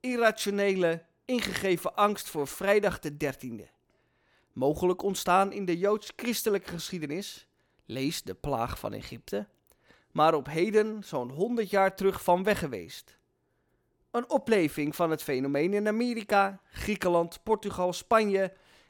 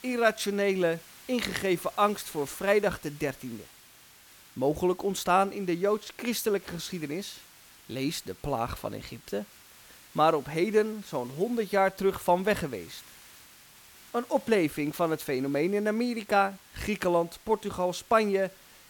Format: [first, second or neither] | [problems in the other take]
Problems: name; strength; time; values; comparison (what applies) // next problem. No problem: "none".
first | hiss; faint; throughout; 20 dB below the speech